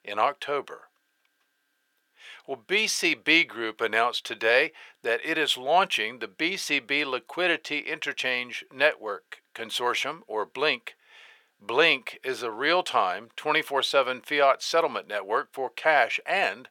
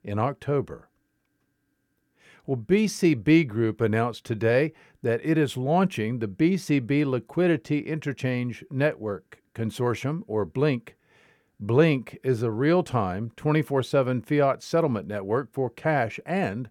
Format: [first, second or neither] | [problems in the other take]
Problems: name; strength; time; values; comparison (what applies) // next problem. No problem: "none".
second | thin; very; fading below 800 Hz